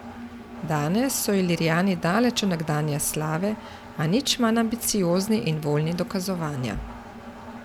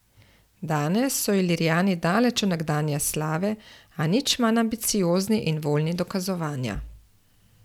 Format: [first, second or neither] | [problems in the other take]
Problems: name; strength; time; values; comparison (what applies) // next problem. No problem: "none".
second | background sound (Engine); 15 dB below the speech